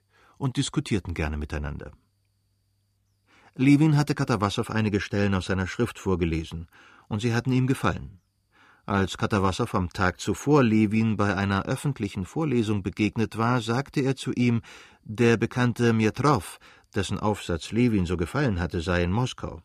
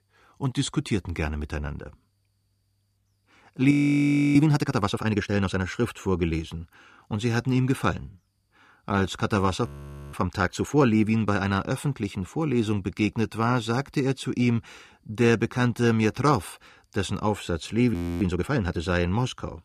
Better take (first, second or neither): first